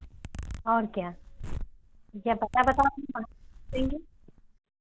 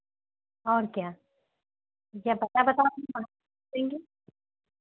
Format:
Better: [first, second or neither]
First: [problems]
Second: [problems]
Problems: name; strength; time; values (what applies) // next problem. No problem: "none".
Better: second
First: background sound (Zipper (clothing)); 8 dB below the speech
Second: none